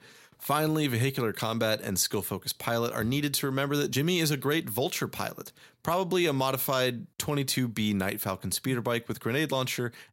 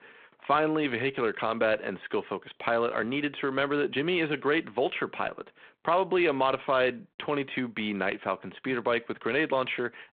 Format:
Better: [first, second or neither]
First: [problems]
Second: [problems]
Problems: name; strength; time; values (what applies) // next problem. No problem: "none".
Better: first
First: none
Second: phone-call audio; nothing above 3.5 kHz